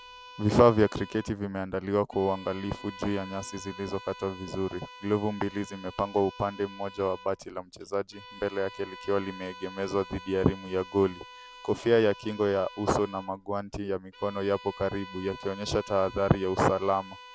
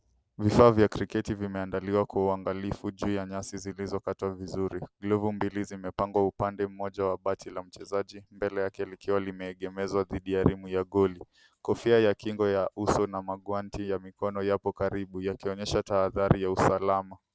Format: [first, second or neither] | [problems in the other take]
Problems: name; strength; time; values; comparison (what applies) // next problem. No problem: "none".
second | background sound (Bowed string instrument); 18 dB below the speech